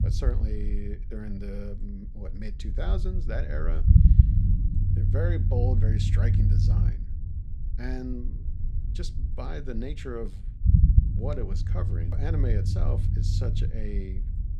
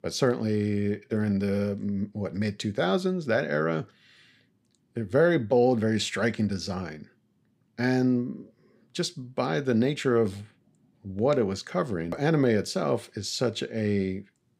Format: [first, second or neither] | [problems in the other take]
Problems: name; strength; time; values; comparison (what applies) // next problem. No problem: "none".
second | low rumble; loud; throughout; 1 dB below the speech